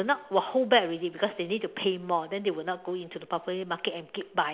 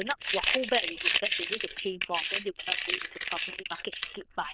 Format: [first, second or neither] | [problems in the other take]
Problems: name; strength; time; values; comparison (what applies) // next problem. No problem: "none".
first | noise reduction (neural diffusion model UNIVERSE++)